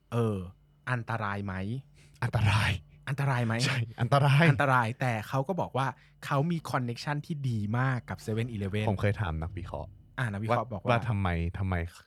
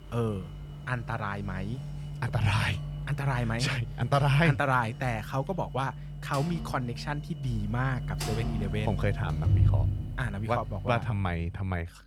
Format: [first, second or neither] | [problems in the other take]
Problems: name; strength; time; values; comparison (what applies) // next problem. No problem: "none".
first | household noises; loud; throughout; 5 dB below the speech; faint in the first